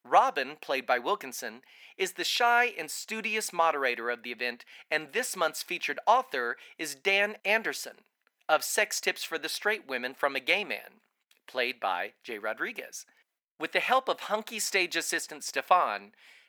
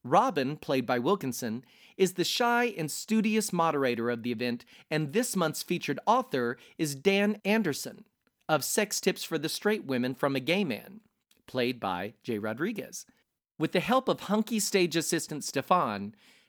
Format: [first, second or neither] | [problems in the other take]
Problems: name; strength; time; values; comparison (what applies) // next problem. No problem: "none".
second | thin; very; fading below 500 Hz